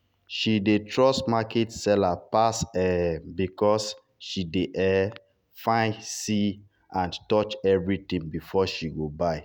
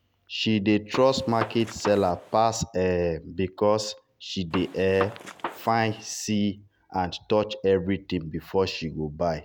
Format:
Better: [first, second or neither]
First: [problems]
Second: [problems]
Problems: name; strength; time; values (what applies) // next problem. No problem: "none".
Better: first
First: none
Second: background sound (Gunshot, gunfire); 11 dB below the speech